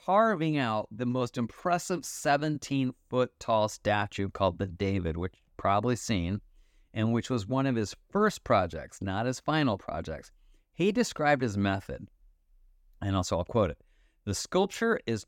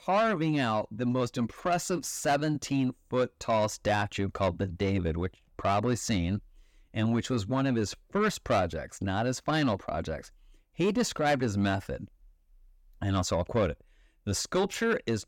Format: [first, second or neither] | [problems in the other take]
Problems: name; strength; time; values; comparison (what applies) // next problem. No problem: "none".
first | distortion; slight; 10 dB below the speech